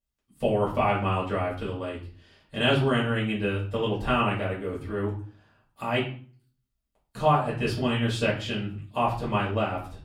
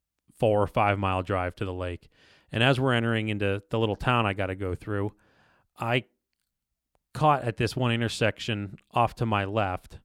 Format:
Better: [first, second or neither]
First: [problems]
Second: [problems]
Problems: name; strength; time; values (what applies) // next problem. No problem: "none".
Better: second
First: room echo; slight; dies away in 0.4 s // off-mic speech; far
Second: none